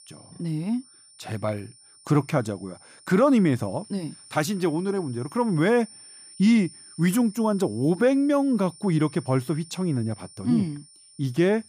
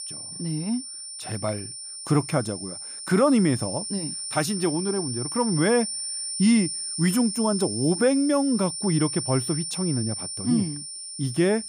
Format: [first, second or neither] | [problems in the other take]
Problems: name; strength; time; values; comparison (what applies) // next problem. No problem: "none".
first | high-pitched whine; loud; throughout; 9 kHz, 6 dB below the speech; faint in the first